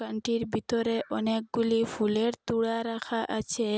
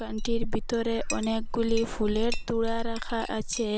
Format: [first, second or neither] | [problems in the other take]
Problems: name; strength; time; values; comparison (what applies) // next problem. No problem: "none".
first | background sound (Chink, clink); 1 dB below the speech